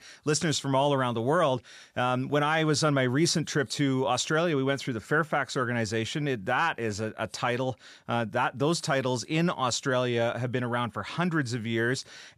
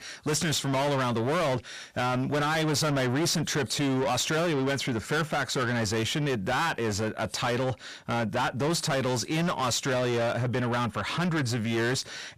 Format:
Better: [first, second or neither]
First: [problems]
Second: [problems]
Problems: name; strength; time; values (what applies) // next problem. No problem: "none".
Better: first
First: none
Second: distortion; heavy; 7 dB below the speech